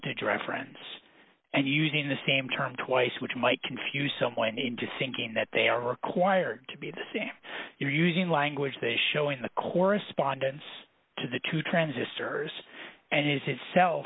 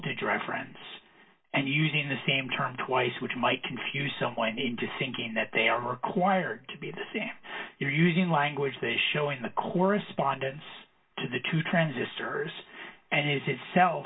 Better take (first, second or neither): first